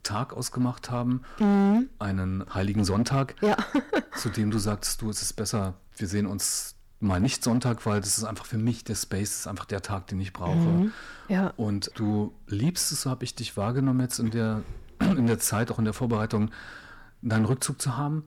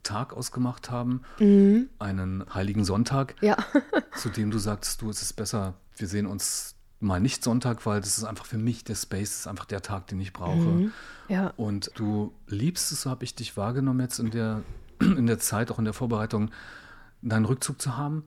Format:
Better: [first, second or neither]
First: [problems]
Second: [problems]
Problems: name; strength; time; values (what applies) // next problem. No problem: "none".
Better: second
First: distortion; slight; 4% of the sound clipped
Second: none